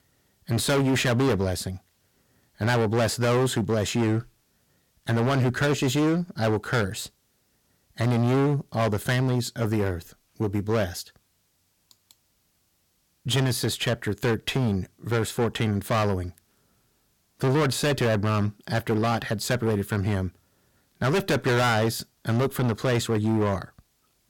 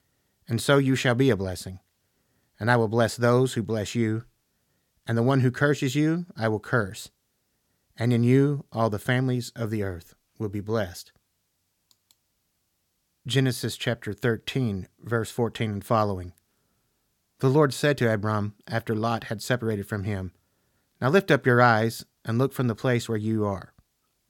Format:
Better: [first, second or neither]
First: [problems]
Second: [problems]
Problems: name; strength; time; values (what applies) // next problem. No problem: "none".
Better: second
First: distortion; heavy; 18% of the sound clipped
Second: none